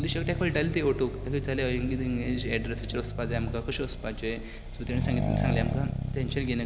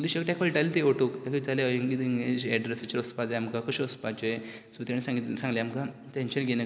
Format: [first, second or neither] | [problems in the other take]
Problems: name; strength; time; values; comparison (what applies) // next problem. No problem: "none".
second | background sound (Accelerating, revving, vroom); 1 dB below the speech